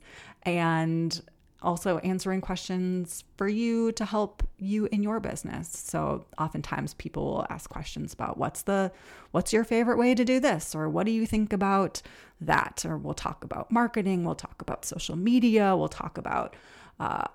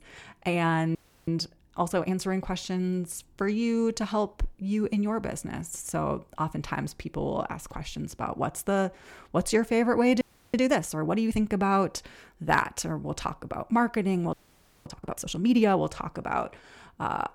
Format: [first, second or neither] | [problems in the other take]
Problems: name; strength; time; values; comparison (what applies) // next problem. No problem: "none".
first | audio freezing; at 1 s, at 10 s and at 14 s for 0.5 s